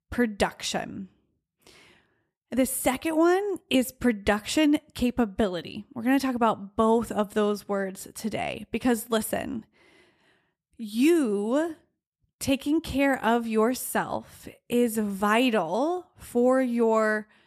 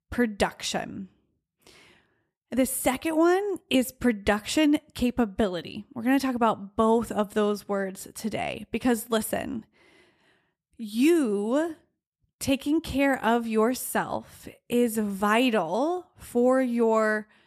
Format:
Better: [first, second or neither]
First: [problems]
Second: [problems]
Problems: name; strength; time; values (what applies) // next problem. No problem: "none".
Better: neither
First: none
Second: none